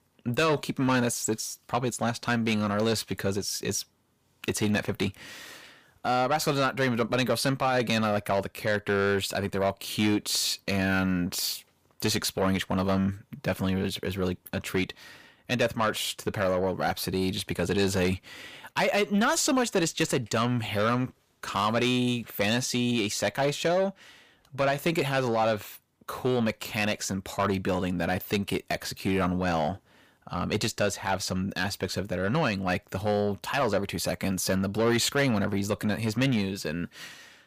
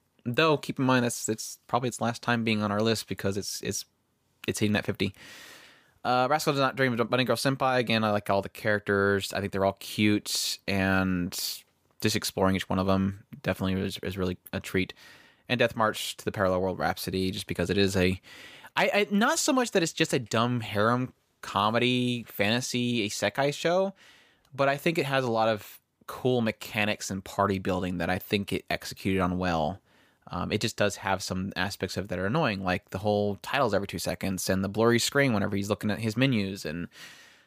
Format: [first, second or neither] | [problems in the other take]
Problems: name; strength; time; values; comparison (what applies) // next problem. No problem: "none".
second | distortion; slight; 10 dB below the speech